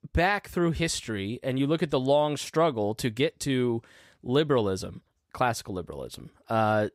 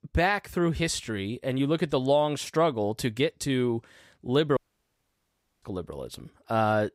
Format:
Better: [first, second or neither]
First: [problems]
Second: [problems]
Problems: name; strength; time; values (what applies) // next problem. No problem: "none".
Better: first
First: none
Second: audio cutting out; at 4.5 s for 1 s